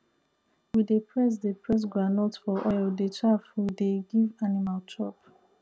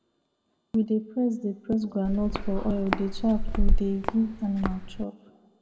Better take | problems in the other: first | background sound (Walk, footsteps); 2 dB above the speech // room echo; dies away in 0.9 s

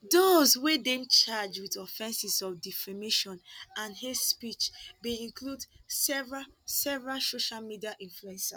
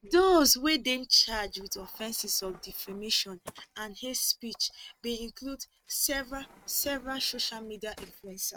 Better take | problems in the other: first | noise reduction (neural mask model RNNoise)

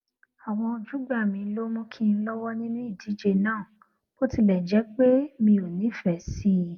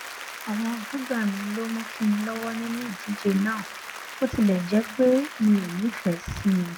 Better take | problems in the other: first | background sound (Applause); 12 dB below the speech

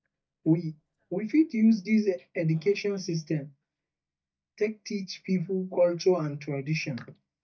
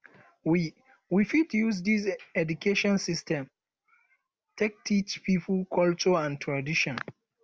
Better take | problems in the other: second | noise reduction (neural mask model DeepFilterNet 3)

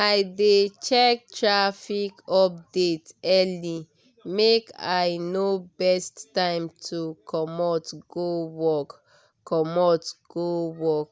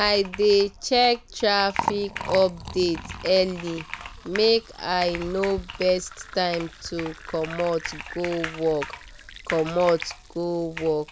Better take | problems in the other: first | background sound (Liquid + Computer keyboard); 12 dB below the speech

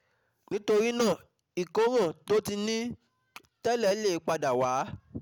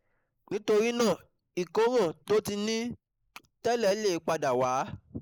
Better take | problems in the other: first | noise reduction (neural mask model Resemble Enhance denoiser)

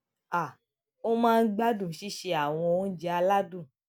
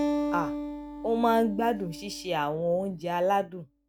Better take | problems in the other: first | background sound (Acoustic guitar); 6 dB below the speech

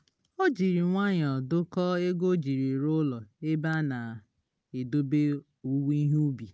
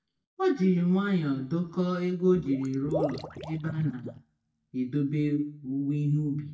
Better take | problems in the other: first | noise reduction (neural mask model DeepFilterNet 3)

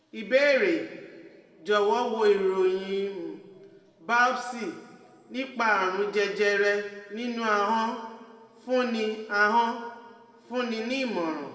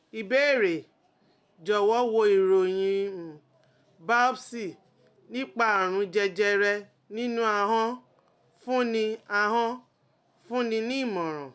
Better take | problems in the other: second | room echo; dies away in 1.5 s

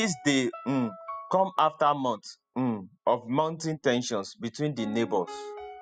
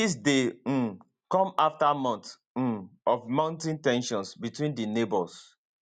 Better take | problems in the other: second | noise reduction (classical method spectral subtraction)

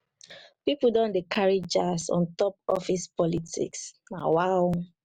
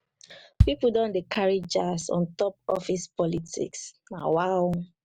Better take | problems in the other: first | background sound (Bass drum); 3 dB below the speech

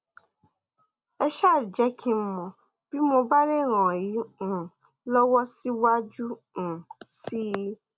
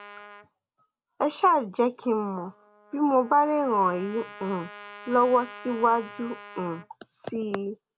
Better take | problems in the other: first | background sound (Trumpet); 20 dB below the speech

